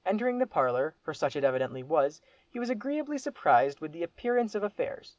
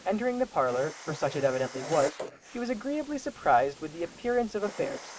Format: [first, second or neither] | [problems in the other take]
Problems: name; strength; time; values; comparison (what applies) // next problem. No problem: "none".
first | noise reduction (neural mask model Resemble Enhance denoiser)